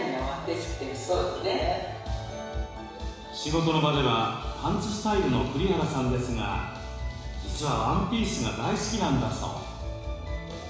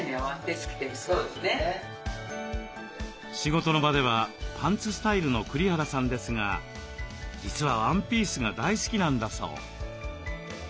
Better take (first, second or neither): second